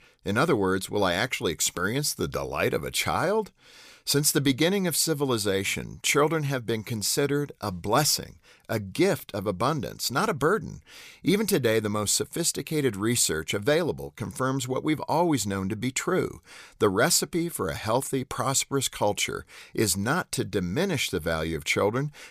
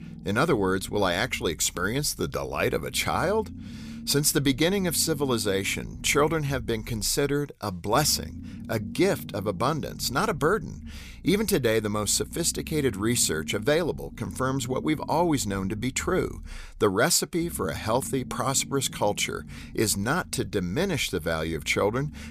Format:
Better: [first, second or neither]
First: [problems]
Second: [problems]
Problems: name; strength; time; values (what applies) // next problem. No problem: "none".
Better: first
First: none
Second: low rumble; faint; throughout; 25 dB below the speech